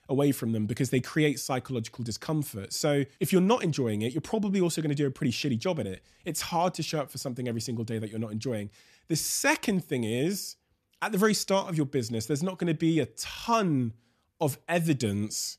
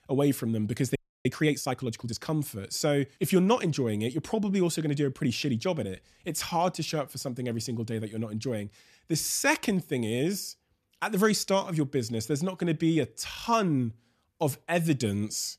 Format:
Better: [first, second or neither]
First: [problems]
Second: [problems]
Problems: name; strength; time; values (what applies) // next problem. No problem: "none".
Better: first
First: none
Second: audio freezing; at 1 s